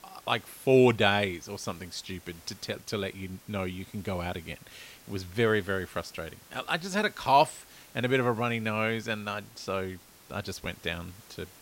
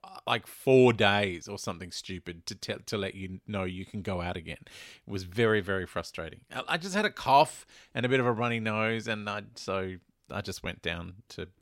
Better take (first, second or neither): second